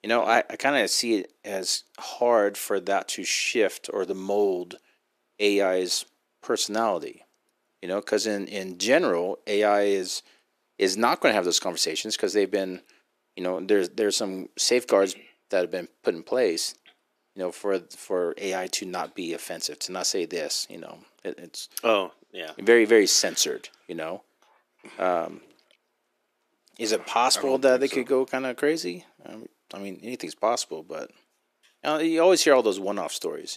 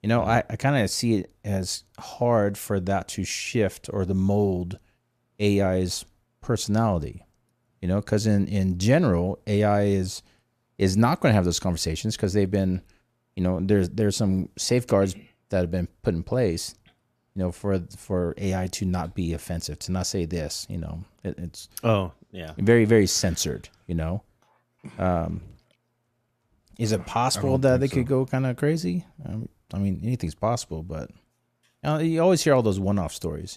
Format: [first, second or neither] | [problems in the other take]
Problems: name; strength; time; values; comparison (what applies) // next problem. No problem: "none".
second | thin; somewhat; fading below 300 Hz